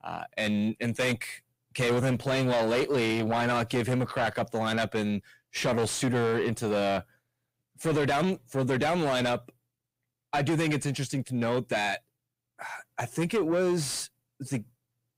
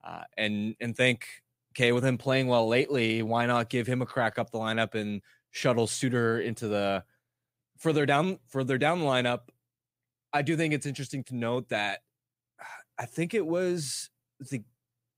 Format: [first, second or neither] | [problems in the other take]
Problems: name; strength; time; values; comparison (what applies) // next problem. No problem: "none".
second | distortion; heavy; 6 dB below the speech